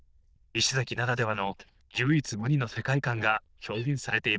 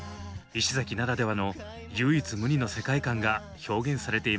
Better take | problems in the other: second | noise reduction (neural diffusion model UNIVERSE++)

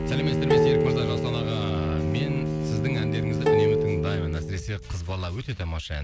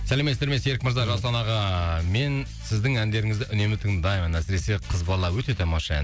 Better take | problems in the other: second | background sound (Bowed string instrument + Plucked string instrument); 4 dB above the speech

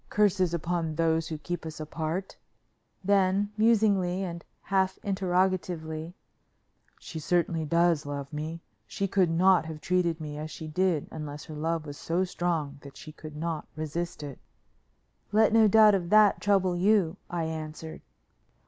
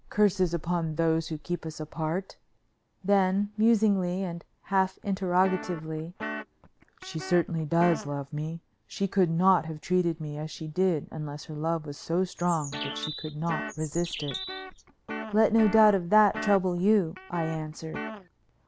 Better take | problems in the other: first | background sound (Bird + Guitar); 11 dB below the speech

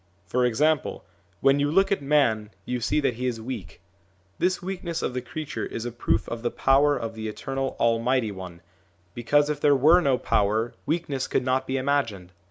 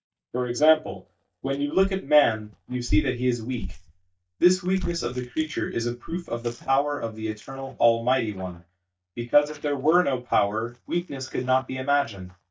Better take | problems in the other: first | noise reduction (neural mask model DeepFilterNet 3)

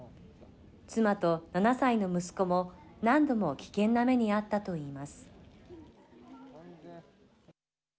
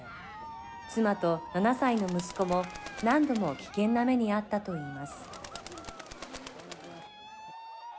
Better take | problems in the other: first | background sound (Cheering + Bird); 13 dB below the speech

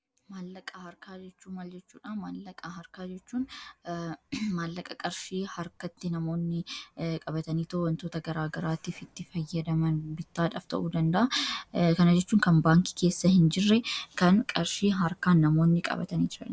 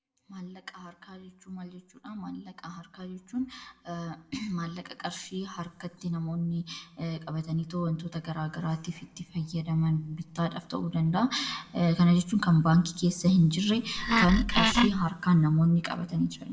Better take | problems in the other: first | background sound (Wood); 3 dB above the speech // room echo; dies away in 1.7 s

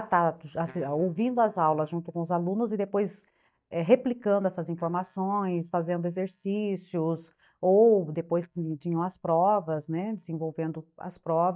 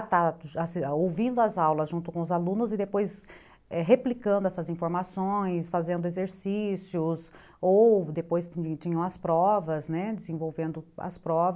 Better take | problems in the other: second | noise reduction (neural mask model DeepFilterNet 3)

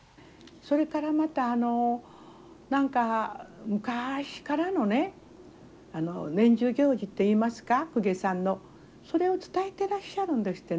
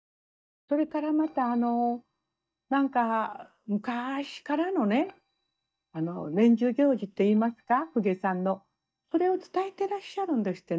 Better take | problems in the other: first | noise reduction (neural mask model DeepFilterNet 3)

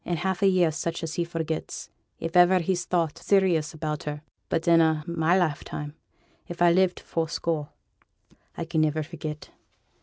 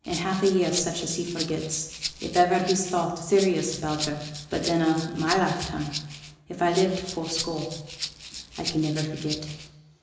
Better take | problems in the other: first | background sound (Rattle (instrument)); 10 dB below the speech // room echo; dies away in 1 s

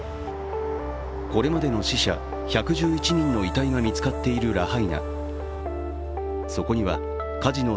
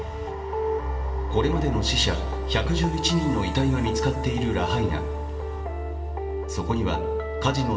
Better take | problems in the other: first | room echo; dies away in 1.5 s

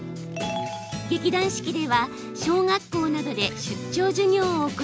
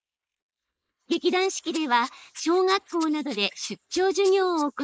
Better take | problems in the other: first | noise reduction (neural mask model Resemble Enhance denoiser)

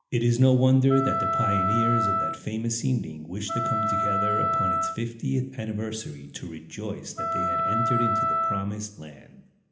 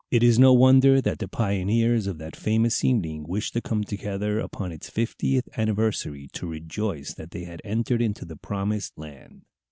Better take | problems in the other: second | background sound (Wind instrument, woodwind instrument); as loud as the speech // room echo; dies away in 0.8 s

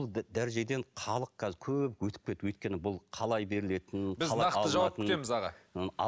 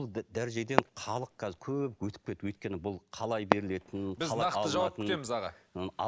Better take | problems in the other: first | background sound (Fireworks); 3 dB below the speech

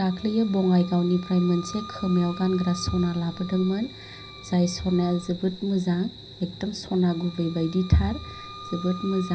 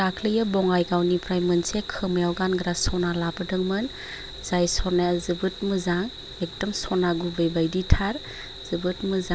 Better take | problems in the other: second | background sound (Wind instrument, woodwind instrument); 19 dB below the speech // room echo; dies away in 0.5 s

